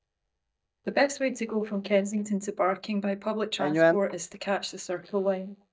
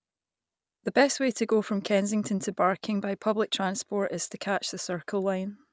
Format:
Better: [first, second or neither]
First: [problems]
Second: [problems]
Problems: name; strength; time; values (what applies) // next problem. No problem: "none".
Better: second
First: noise reduction (neural mask model DeepFilterNet 3)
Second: none